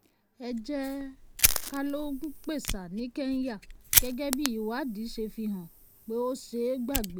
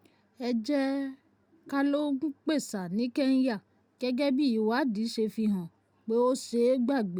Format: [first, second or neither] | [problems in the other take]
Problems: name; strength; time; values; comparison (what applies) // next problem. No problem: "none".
second | background sound (Fire); 1 dB above the speech